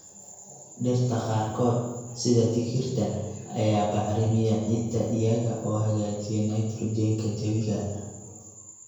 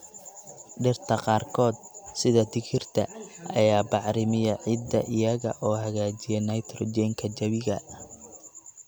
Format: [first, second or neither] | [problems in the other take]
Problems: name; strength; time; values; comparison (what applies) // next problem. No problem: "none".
second | room echo; dies away in 1 s